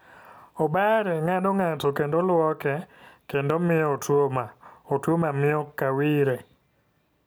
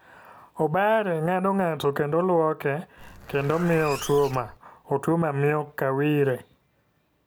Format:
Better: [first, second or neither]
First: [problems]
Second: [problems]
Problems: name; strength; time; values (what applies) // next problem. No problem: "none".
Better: first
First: none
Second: background sound (Zipper (clothing)); 16 dB below the speech